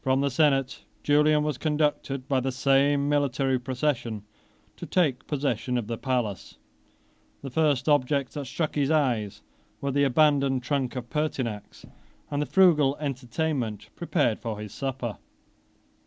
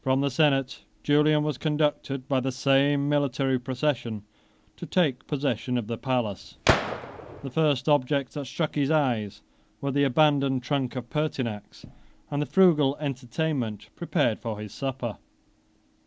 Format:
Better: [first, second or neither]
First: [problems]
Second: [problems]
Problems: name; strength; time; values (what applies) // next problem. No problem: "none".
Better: first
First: none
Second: background sound (Gunshot, gunfire); 3 dB below the speech